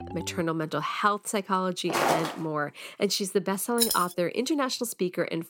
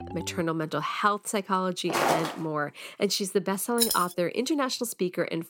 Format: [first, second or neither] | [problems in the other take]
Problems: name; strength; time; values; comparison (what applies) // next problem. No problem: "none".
neither | phone ringing; faint; at the start; peak 10 dB below the speech; the same in both // footsteps; loud; at 2 s; peak 3 dB above the speech; the same in both // jangling keys; loud; at 4 s; peak 2 dB above the speech; the same in both